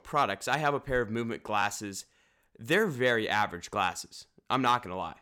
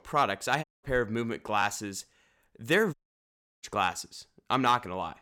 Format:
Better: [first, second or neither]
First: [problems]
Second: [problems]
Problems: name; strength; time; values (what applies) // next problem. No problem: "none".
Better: first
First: none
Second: audio cutting out; at 0.5 s and at 3 s for 0.5 s